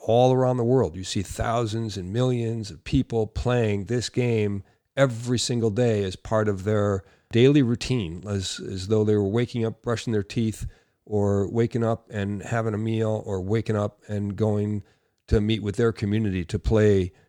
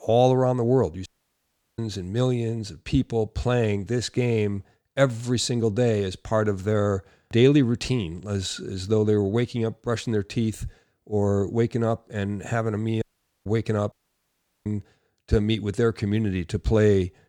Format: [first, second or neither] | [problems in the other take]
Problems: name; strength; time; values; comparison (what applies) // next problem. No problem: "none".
first | audio cutting out; at 1 s for 0.5 s, at 13 s and at 14 s for 0.5 s